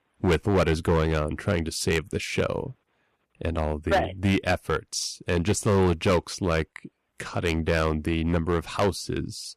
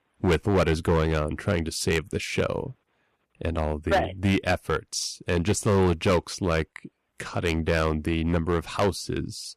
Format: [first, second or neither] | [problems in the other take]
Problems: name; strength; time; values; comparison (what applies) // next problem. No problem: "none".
neither | distortion; slight; 6% of the sound clipped; the same in both